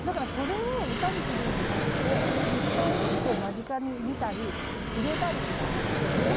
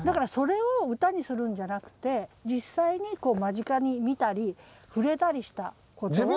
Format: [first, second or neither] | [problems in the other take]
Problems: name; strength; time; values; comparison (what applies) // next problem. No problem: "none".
second | background sound (Fixed-wing aircraft, airplane); 4 dB above the speech